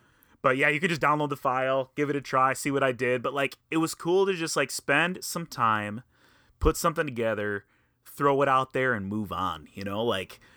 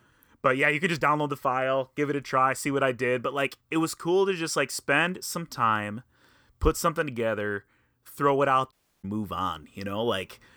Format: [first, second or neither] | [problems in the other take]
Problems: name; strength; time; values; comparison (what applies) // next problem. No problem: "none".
first | audio cutting out; at 8.5 s